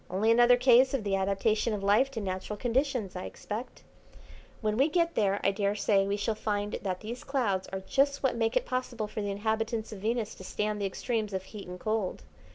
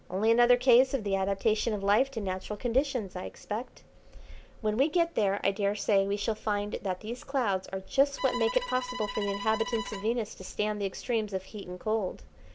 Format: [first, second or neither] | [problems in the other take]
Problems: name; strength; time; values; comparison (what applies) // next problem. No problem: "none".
first | background sound (Bowed string instrument); 10 dB below the speech